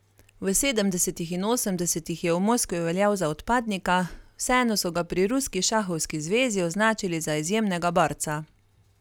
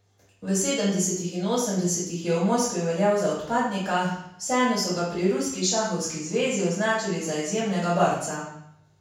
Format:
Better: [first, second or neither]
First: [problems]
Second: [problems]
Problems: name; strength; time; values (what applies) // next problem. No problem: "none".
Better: first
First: none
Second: room echo; dies away in 0.7 s